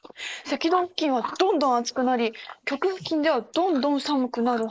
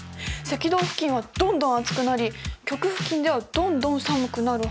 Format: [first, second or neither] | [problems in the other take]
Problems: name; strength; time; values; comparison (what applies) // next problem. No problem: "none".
second | noise reduction (neural mask model Resemble Enhance denoiser)